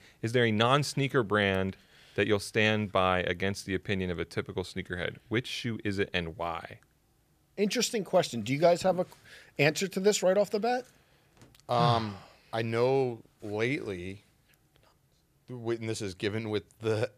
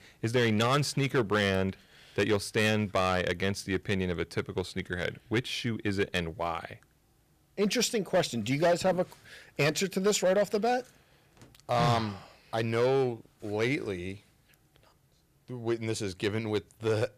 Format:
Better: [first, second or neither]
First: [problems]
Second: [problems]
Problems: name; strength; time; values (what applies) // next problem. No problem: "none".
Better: first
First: none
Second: distortion; slight; 4% of the sound clipped